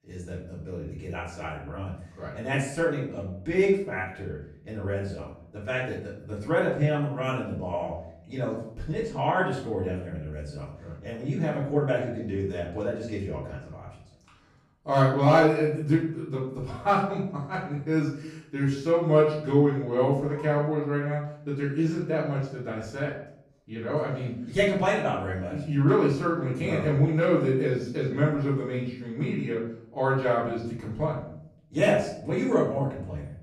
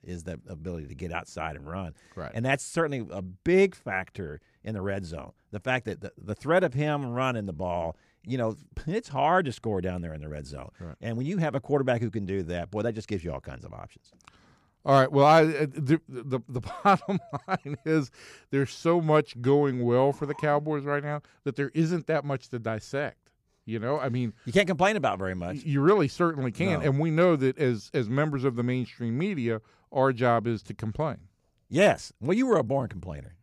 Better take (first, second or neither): second